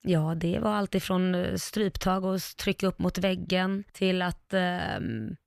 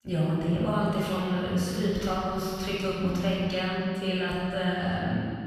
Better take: first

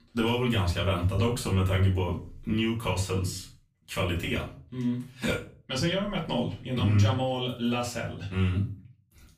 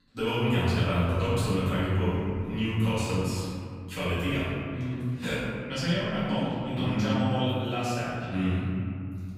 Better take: first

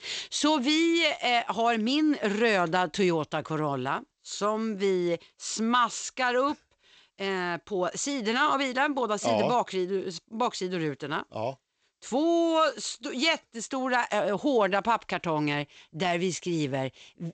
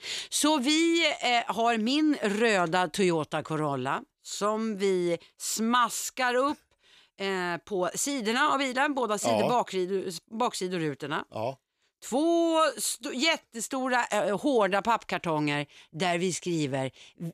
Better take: second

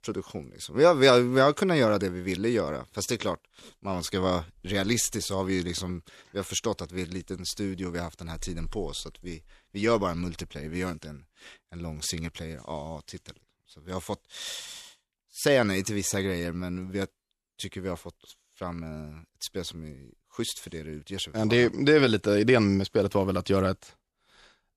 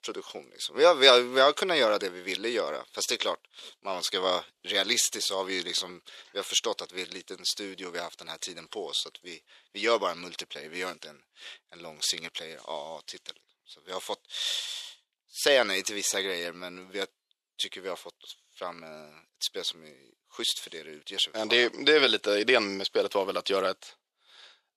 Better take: first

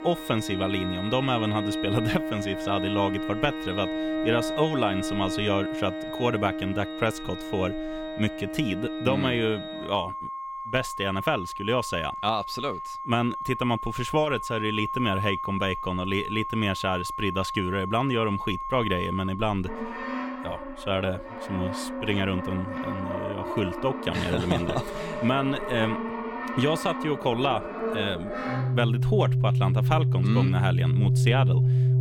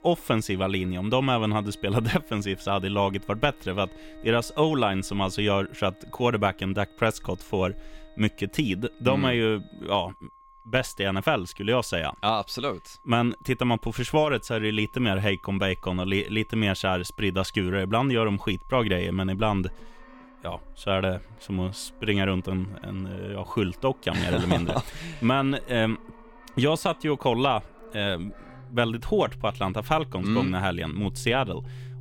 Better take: second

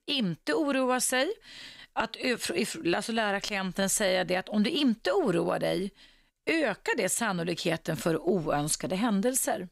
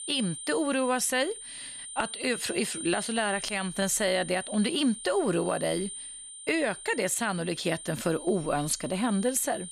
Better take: first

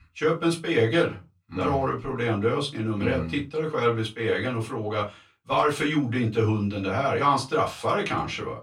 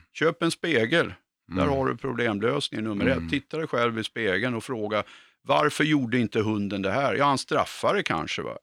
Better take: second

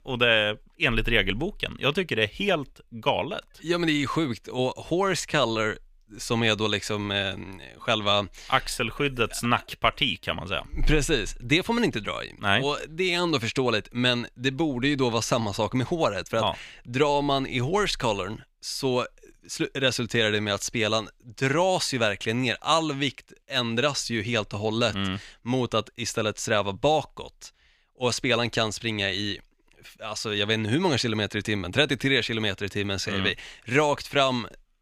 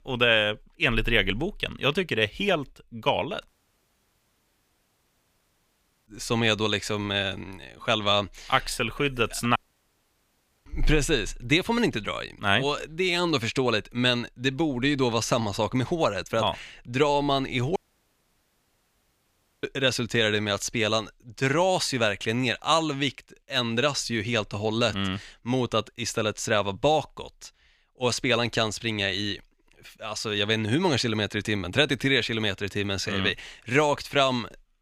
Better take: first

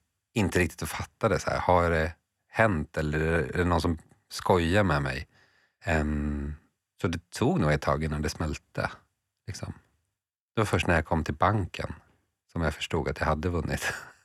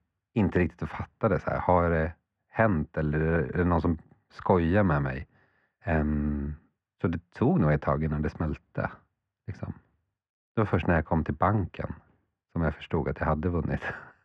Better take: first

